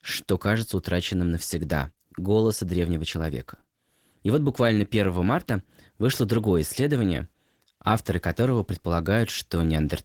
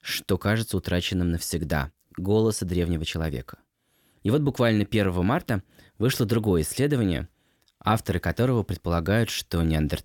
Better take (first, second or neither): second